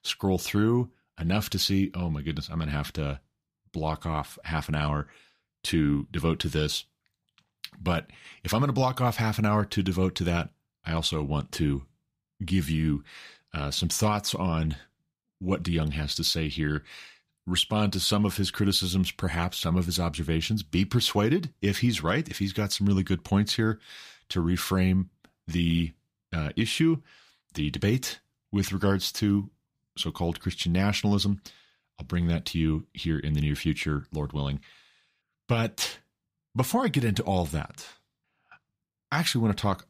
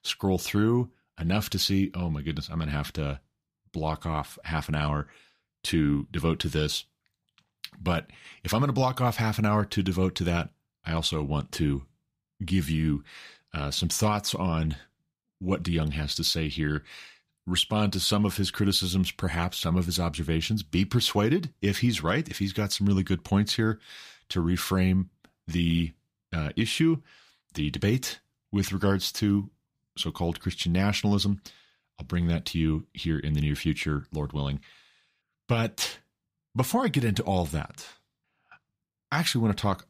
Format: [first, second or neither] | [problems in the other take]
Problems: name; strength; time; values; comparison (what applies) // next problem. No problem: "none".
neither | none